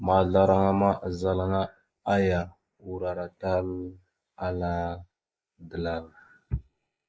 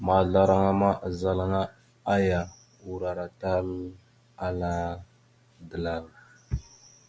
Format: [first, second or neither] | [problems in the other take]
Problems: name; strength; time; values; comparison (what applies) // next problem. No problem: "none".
second | noise reduction (neural mask model Resemble Enhance denoiser)